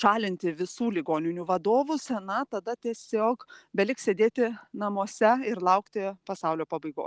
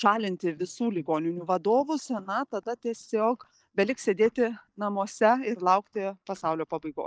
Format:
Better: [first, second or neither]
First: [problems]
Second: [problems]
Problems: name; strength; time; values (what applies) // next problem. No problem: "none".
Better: first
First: none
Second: noise reduction (neural mask model DeepFilterNet 3)